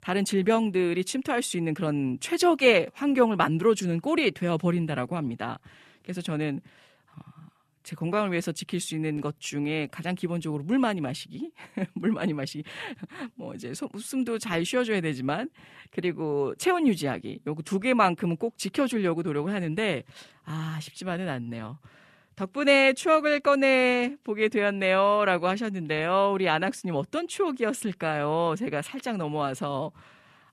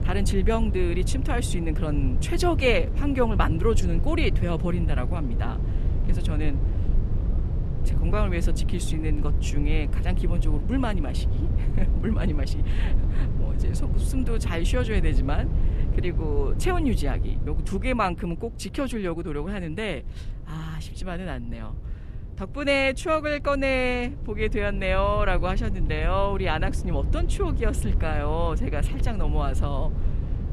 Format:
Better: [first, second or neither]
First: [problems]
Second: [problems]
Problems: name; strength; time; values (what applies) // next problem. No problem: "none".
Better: first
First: none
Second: low rumble; noticeable; throughout; 15 dB below the speech